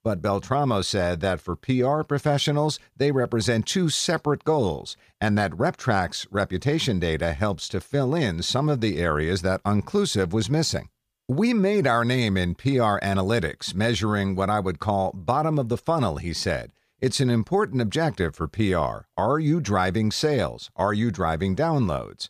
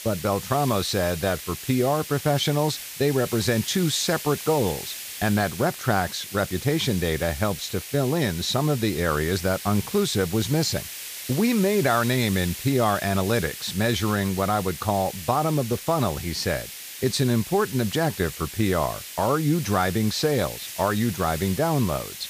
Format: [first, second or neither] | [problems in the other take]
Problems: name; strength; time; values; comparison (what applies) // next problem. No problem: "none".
first | hiss; loud; throughout; 10 dB below the speech